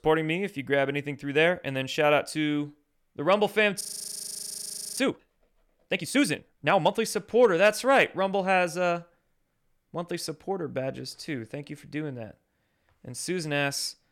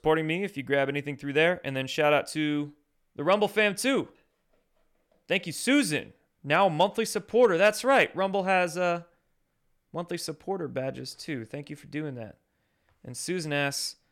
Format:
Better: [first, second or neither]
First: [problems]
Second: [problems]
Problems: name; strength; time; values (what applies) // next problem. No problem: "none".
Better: second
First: audio freezing; at 4 s for 1 s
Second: none